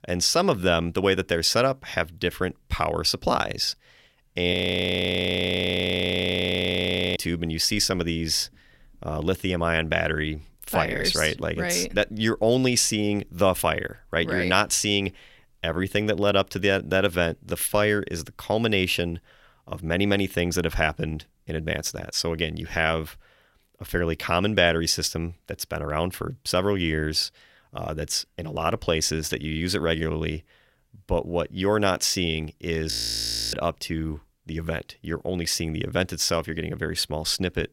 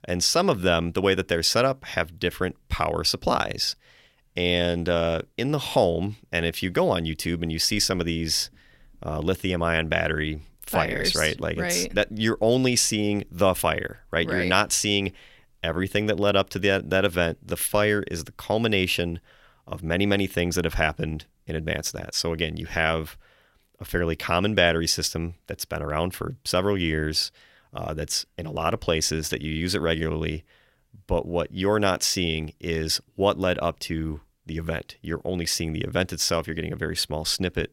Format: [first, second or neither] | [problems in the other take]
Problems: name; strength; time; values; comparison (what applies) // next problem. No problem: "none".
second | audio freezing; at 4.5 s for 2.5 s and at 33 s for 0.5 s